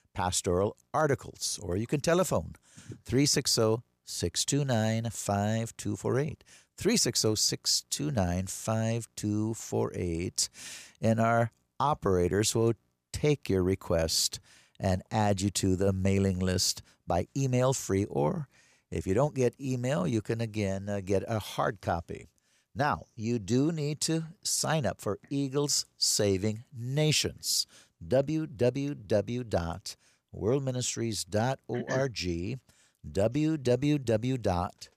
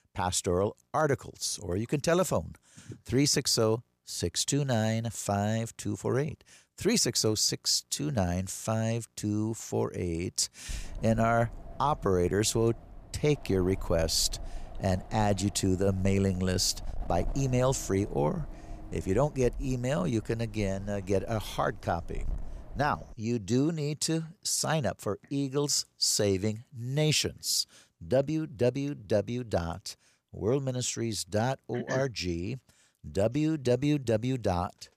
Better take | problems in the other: first | wind noise on the microphone; occasional gusts; from 11 to 23 s; 20 dB below the speech

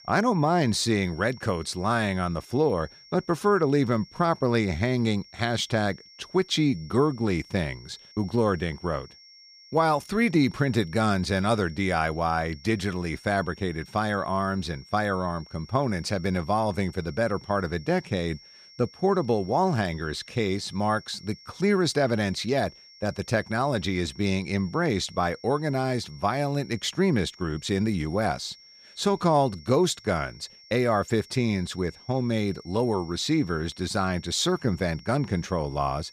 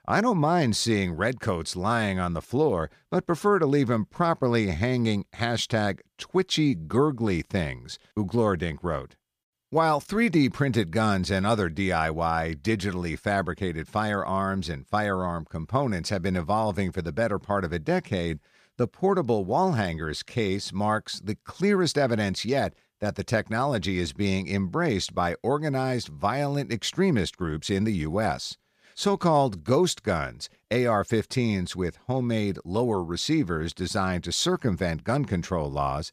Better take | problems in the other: second | high-pitched whine; faint; throughout; 5.5 kHz, 20 dB below the speech

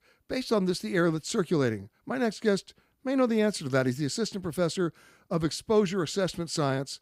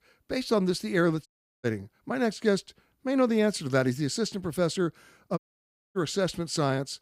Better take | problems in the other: first | audio cutting out; at 1.5 s and at 5.5 s for 0.5 s

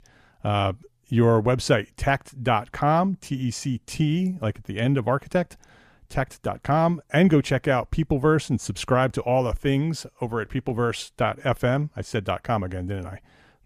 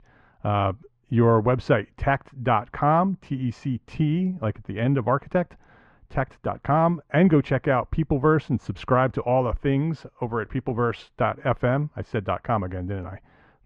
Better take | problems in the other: first | muffled; very; fading above 2 kHz

